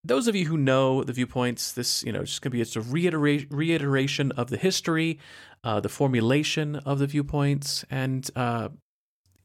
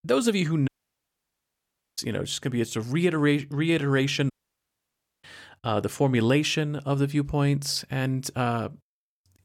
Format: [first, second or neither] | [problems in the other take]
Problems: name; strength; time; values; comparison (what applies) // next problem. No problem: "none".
first | audio cutting out; at 0.5 s for 1.5 s and at 4.5 s for 1 s